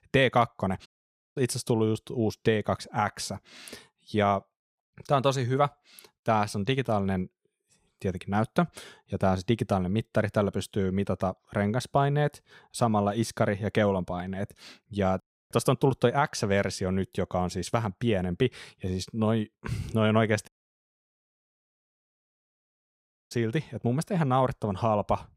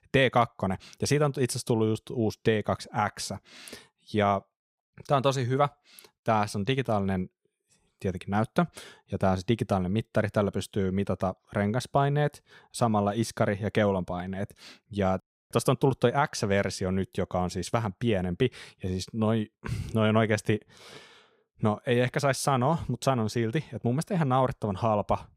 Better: second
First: audio cutting out; at 1 s for 0.5 s and at 20 s for 3 s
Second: none

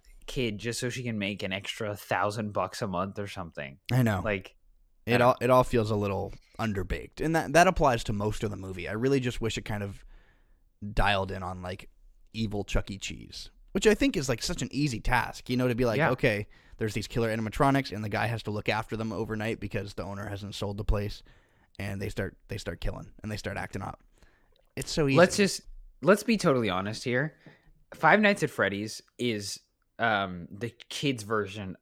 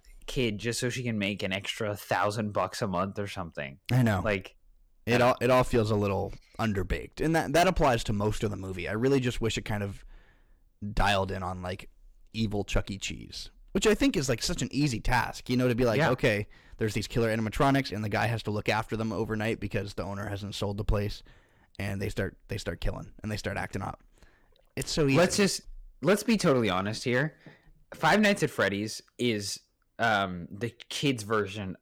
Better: first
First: none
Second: distortion; slight; 3% of the sound clipped

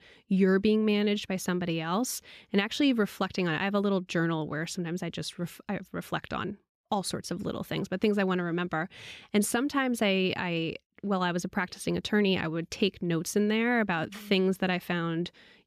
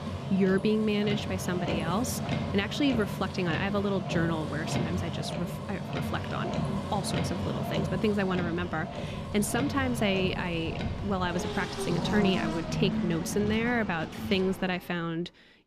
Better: first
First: none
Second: traffic noise; loud; throughout; 3 dB below the speech

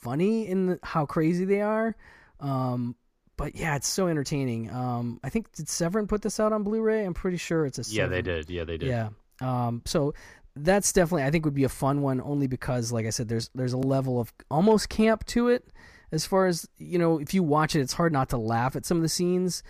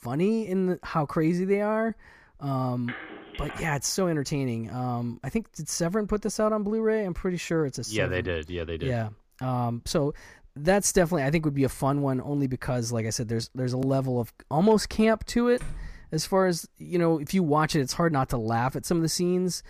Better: first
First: none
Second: phone ringing; faint; at 3 s; peak 10 dB below the speech // door banging; faint; at 16 s; peak 15 dB below the speech

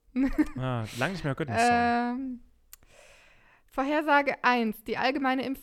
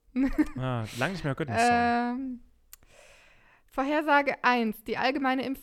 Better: neither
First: none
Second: none

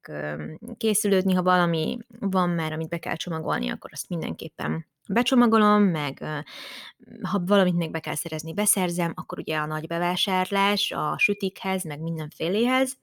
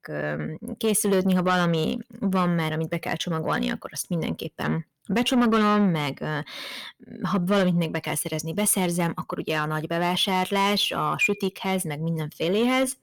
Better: first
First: none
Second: distortion; slight; 10 dB below the speech

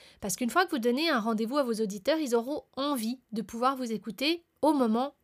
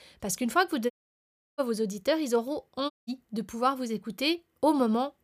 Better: first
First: none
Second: audio cutting out; at 1 s for 0.5 s and at 3 s

